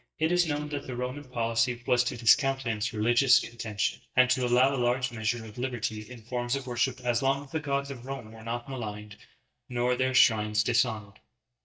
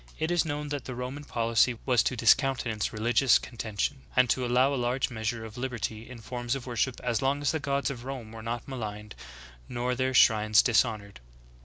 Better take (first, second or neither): second